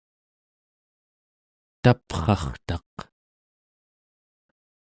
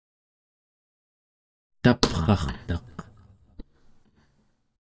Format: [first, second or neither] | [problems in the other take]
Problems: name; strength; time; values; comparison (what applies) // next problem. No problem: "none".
first | noise reduction (neural mask model DeepFilterNet 3)